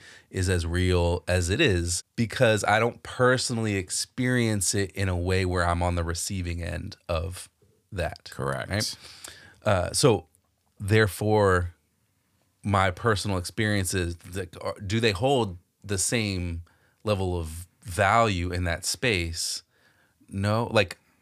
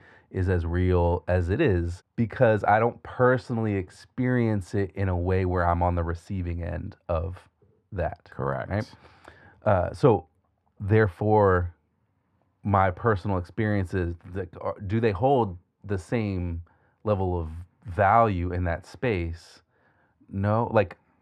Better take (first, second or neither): first